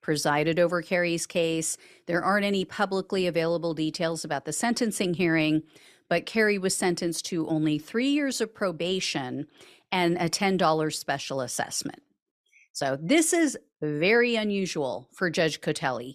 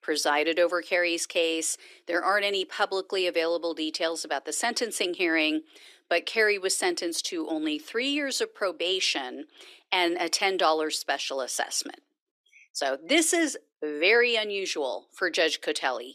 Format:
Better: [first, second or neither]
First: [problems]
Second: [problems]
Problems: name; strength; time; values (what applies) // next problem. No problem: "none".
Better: first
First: none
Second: thin; somewhat; fading below 300 Hz